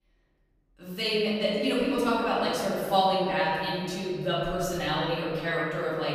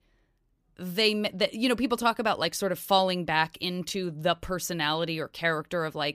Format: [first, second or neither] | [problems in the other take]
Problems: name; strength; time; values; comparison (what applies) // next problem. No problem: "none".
second | off-mic speech; far // room echo; strong; dies away in 2.1 s